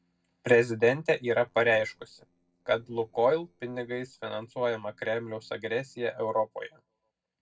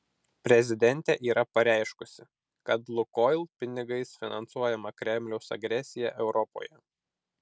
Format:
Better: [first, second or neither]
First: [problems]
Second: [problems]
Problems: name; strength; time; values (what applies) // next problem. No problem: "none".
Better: second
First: noise reduction (neural separator model SepFormer DNS4)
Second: none